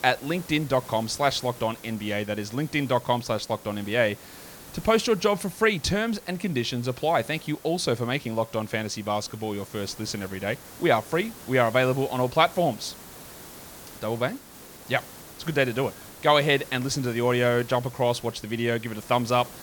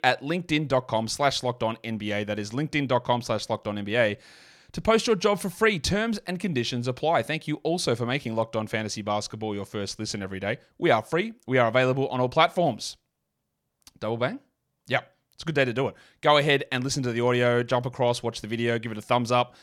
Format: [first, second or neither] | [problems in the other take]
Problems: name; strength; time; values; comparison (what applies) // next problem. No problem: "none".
second | hiss; noticeable; throughout; 20 dB below the speech